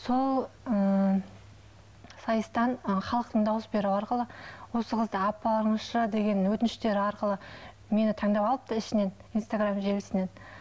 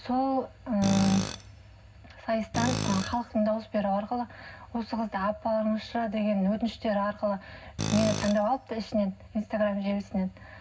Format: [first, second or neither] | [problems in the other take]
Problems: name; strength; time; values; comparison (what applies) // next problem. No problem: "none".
first | background sound (Tools); 6 dB below the speech // room echo; dies away in 0.4 s